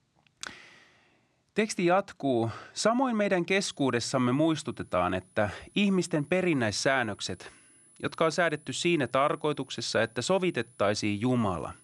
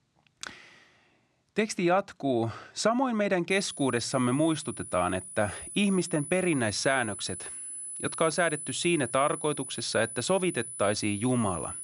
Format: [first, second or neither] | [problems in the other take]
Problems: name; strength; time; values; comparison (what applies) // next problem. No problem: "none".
first | high-pitched whine; loud; from 3.5 s on; 10 kHz, 9 dB below the speech; faint in the first